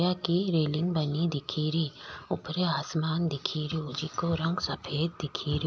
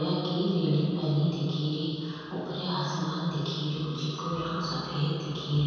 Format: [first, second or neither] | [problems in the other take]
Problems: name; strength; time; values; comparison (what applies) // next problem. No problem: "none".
first | room echo; dies away in 2.1 s